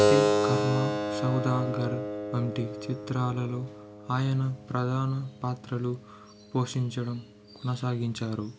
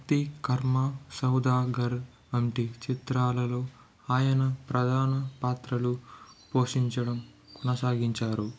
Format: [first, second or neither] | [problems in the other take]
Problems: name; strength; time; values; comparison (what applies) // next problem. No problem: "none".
second | background sound (Keyboard (musical)); 1 dB below the speech